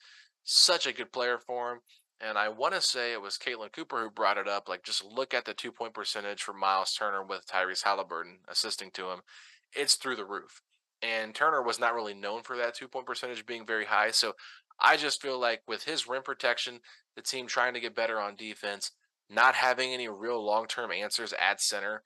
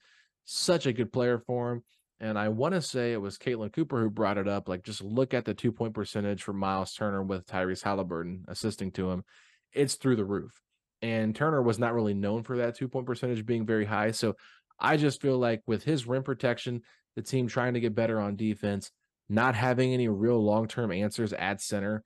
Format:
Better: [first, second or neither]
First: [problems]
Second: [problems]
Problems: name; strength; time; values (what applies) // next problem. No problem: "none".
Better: second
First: thin; very; fading below 900 Hz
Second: none